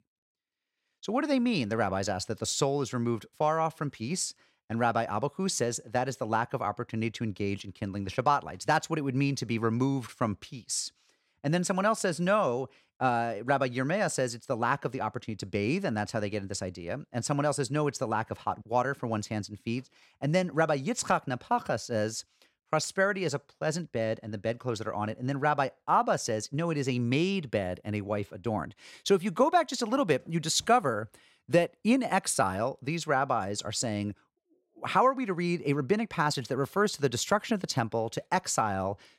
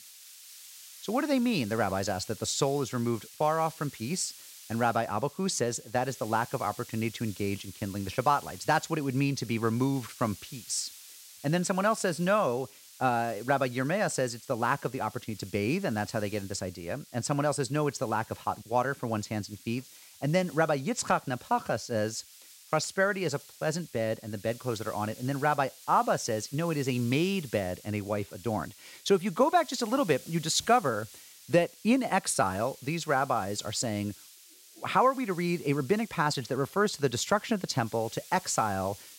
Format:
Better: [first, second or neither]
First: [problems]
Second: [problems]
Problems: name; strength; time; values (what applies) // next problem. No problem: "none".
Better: first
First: none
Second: hiss; noticeable; throughout; 20 dB below the speech